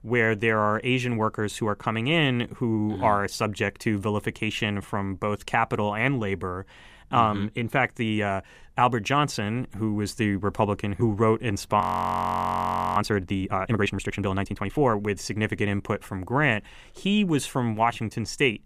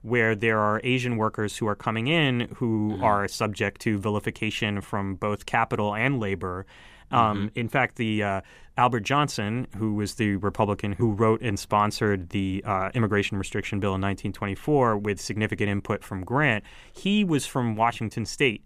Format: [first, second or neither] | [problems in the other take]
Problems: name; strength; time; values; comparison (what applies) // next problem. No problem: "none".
second | audio freezing; at 12 s for 1 s